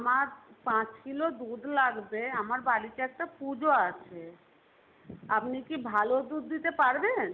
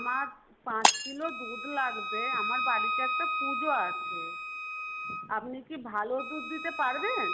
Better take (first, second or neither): first